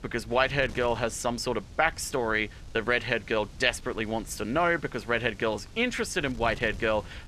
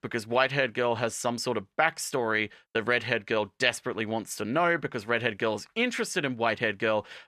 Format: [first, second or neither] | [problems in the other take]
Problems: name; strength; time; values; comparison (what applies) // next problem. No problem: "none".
second | wind noise on the microphone; occasional gusts; 25 dB below the speech